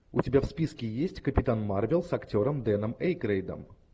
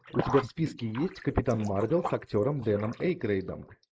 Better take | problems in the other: first | noise reduction (neural mask model Resemble Enhance denoiser)

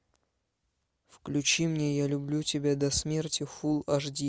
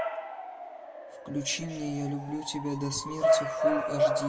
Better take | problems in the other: first | background sound (Bark / Motor vehicle (road) / Siren); 4 dB above the speech // room echo; dies away in 1.3 s

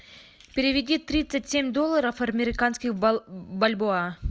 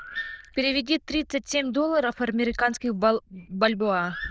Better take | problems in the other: first | noise reduction (neural diffusion model UNIVERSE++)

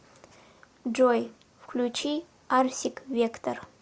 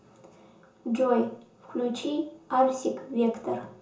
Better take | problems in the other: first | room echo; dies away in 0.5 s

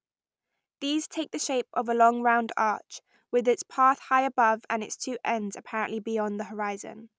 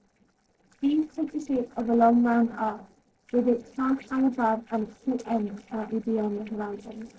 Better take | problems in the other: first | noise reduction (neural separator model SepFormer DNS4)

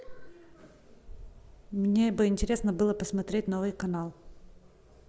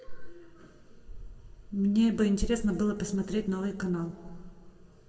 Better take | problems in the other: first | room echo; dies away in 1.3 s

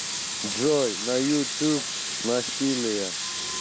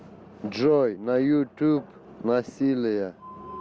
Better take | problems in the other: second | background sound (Sink (filling or washing) / Water tap, faucet); 3 dB below the speech

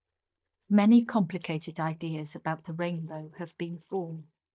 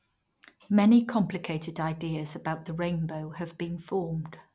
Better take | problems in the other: second | noise reduction (neural mask model DeepFilterNet 3)

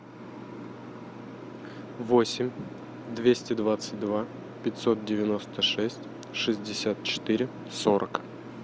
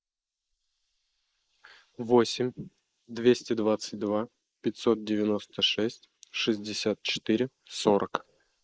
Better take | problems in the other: first | noise reduction (neural mask model Resemble Enhance denoiser)

